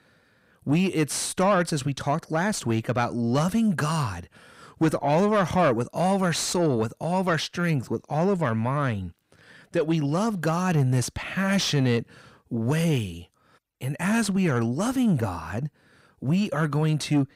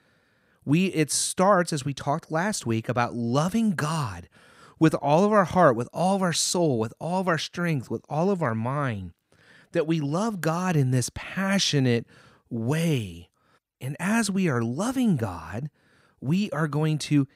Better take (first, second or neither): second